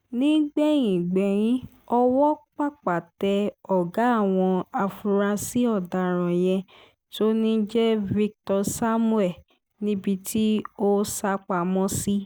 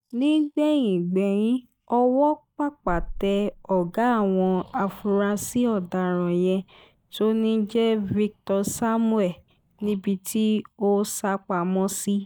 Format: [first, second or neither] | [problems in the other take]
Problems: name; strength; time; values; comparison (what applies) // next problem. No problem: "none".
first | noise reduction (neural mask model DeepFilterNet 3)